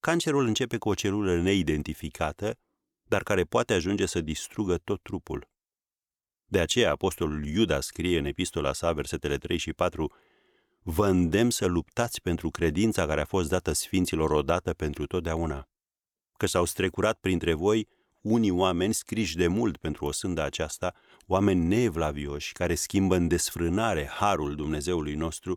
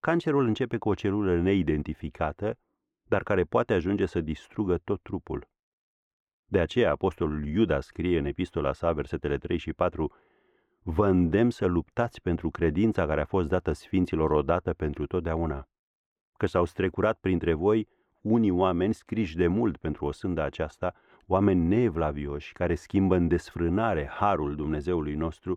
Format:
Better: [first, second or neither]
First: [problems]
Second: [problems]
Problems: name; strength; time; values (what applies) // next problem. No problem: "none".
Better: first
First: none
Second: muffled; very; fading above 4 kHz